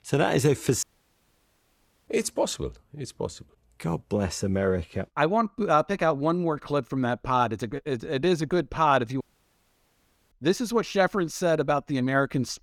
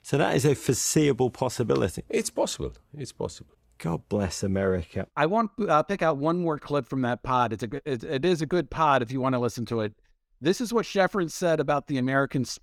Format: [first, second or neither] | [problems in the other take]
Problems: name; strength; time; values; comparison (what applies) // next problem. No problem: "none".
second | audio cutting out; at 1 s for 1.5 s and at 9 s for 1 s